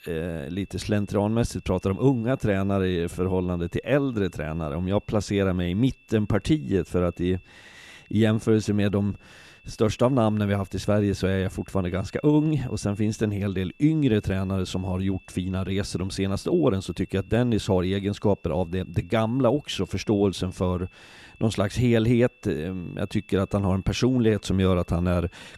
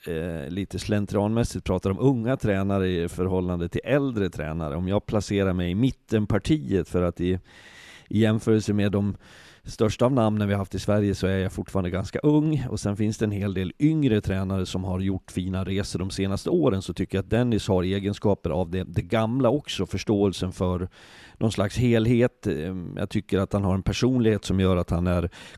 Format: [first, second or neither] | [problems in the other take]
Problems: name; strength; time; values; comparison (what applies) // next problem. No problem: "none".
second | high-pitched whine; faint; throughout; 2.5 kHz, 30 dB below the speech